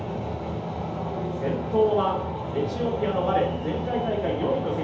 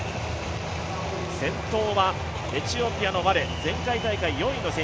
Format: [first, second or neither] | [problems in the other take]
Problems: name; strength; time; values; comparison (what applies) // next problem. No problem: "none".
second | room echo; dies away in 0.8 s